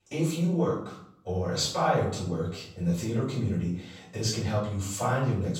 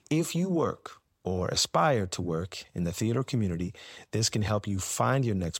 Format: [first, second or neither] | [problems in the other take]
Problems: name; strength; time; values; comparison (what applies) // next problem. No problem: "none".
second | off-mic speech; far // room echo; noticeable; dies away in 0.5 s